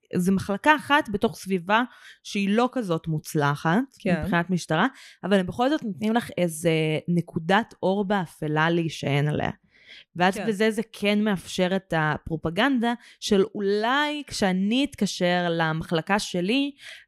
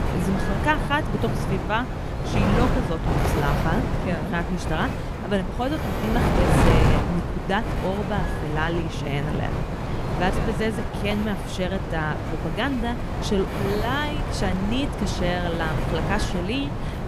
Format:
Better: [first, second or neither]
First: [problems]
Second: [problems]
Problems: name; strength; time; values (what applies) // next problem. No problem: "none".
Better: first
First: none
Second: wind noise on the microphone; heavy; 2 dB below the speech